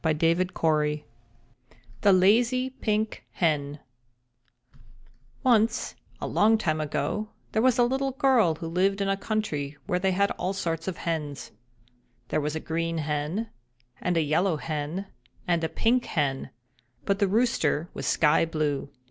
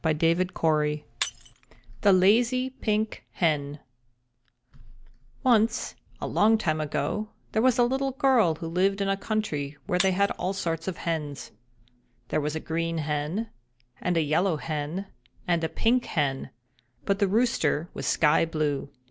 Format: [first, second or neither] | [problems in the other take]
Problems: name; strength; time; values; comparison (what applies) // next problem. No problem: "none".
first | background sound (Shatter); 16 dB below the speech